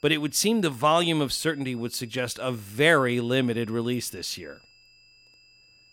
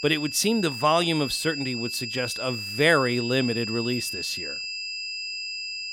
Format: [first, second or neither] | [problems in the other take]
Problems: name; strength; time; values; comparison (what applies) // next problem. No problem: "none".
first | high-pitched whine; loud; throughout; 5 kHz, 6 dB below the speech; faint in the first